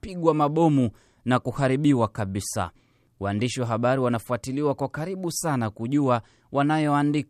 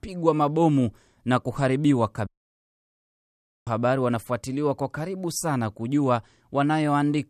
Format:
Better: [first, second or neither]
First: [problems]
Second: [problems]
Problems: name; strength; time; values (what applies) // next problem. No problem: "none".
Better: first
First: none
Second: audio cutting out; at 2.5 s for 1.5 s